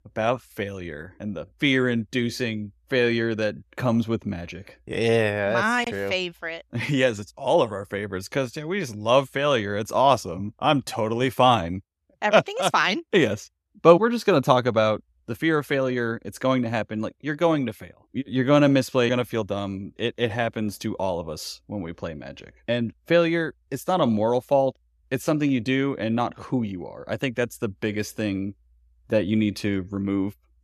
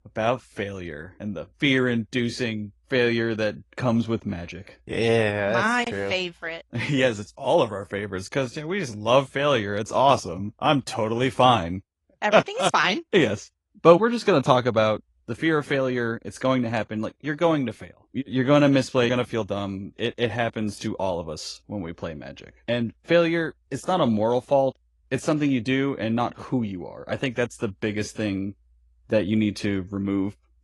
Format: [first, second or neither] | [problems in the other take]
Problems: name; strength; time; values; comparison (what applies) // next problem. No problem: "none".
first | garbled, watery; slightly; nothing above 10.5 kHz